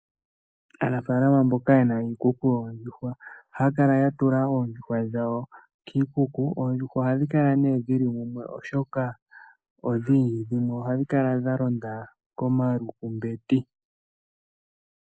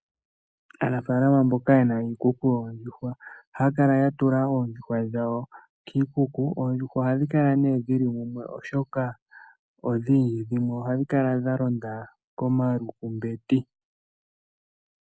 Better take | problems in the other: second | noise reduction (neural mask model Resemble Enhance denoiser)

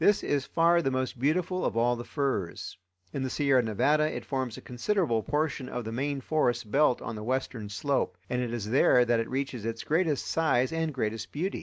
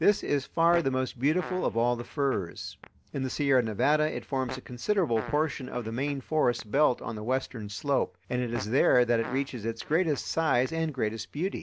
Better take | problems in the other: first | background sound (Fart); 19 dB below the speech

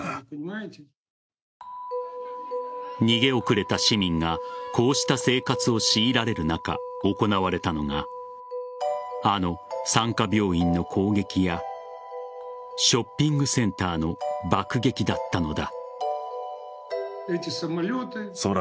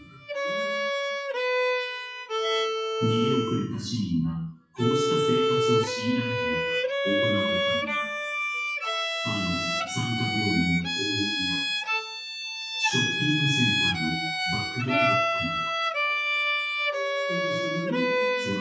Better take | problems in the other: first | noise reduction (classical method WPE with log-MMSE)

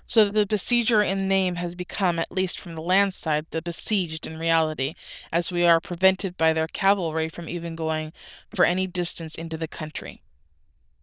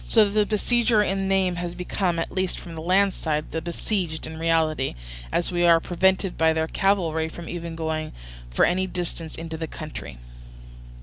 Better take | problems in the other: second | noise reduction (neural diffusion model UNIVERSE++)

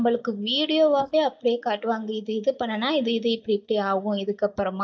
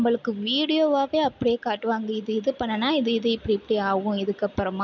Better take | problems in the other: second | noise reduction (neural mask model DeepFilterNet 3)

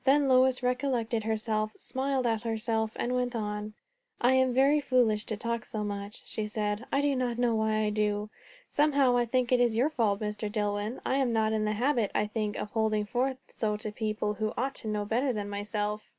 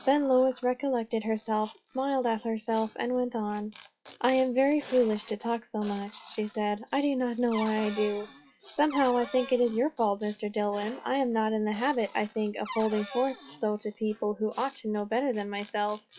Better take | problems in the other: first | noise reduction (classical method log-MMSE)

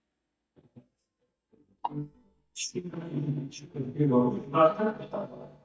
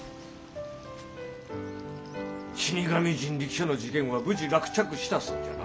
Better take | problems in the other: second | noise reduction (neural mask model DeepFilterNet 3)

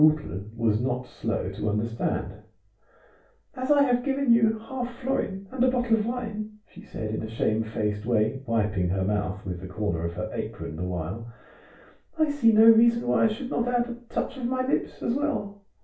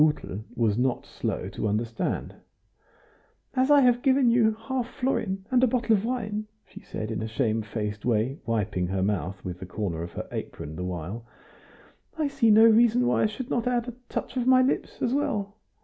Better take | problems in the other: second | room echo; dies away in 0.3 s

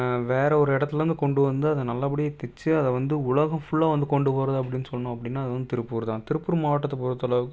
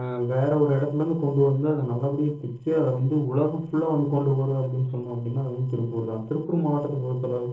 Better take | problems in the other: first | noise reduction (neural separator model SepFormer DNS4)

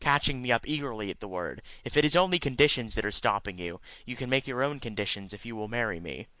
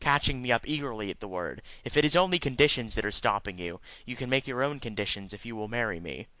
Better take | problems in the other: second | noise reduction (neural mask model Resemble Enhance denoiser)

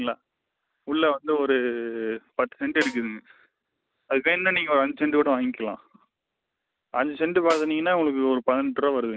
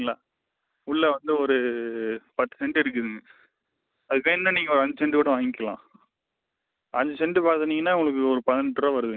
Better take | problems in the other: second | background sound (Snare drum); 14 dB below the speech

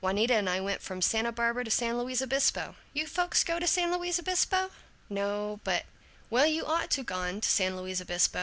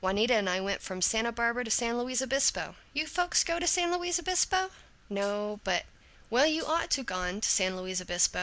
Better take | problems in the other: first | background sound (Hi-hat); 20 dB below the speech

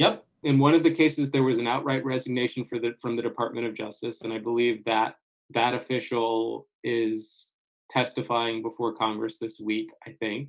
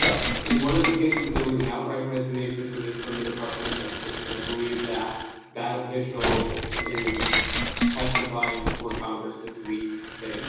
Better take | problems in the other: first | background sound (Shatter); as loud as the speech // room echo; dies away in 1.1 s

